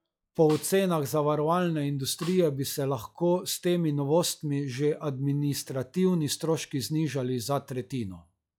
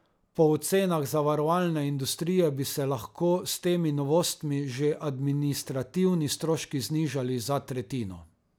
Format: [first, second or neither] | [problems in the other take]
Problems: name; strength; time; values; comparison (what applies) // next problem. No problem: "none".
second | noise reduction (classical method log-MMSE)